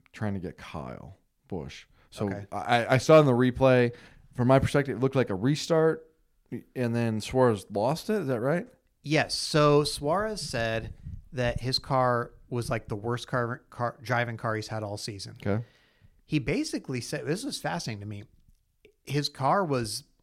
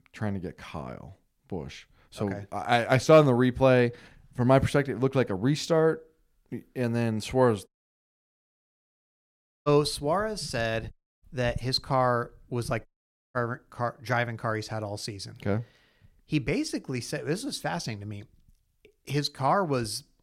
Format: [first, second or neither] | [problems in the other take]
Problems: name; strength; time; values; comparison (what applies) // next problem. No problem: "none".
first | audio cutting out; at 7.5 s for 2 s, at 11 s and at 13 s